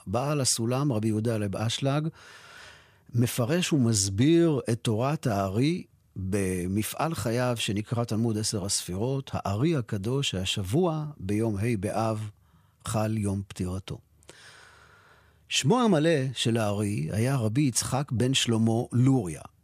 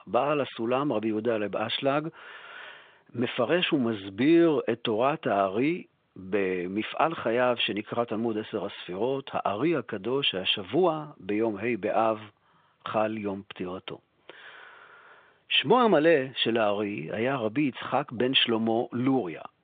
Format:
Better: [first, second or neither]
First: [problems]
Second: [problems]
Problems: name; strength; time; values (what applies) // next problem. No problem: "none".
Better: first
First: none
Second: phone-call audio; nothing above 3.5 kHz